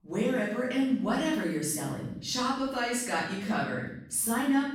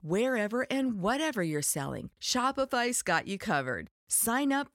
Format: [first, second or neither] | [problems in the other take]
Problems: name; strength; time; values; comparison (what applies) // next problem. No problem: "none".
second | off-mic speech; far // room echo; noticeable; dies away in 0.8 s